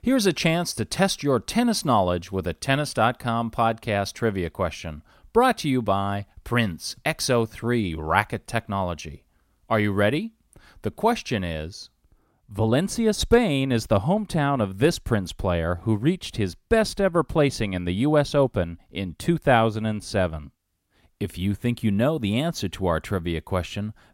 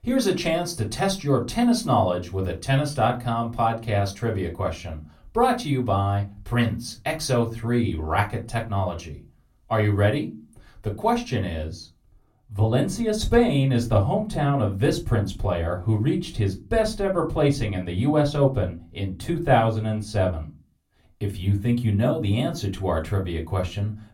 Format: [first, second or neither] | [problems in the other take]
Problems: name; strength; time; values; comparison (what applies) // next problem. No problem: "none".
first | off-mic speech; far // room echo; very slight; dies away in 0.2 s